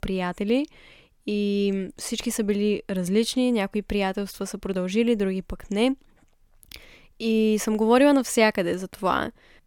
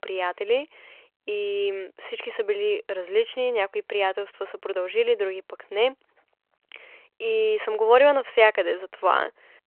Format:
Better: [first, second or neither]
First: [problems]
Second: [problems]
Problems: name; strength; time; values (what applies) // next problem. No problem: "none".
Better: first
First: none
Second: phone-call audio